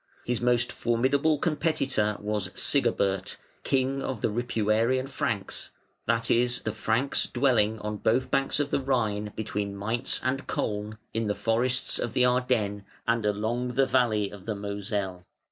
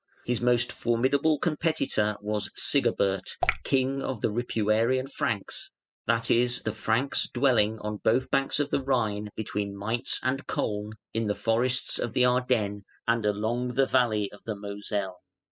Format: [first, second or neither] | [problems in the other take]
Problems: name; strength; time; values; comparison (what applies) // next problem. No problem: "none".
first | noise reduction (classical method spectral subtraction)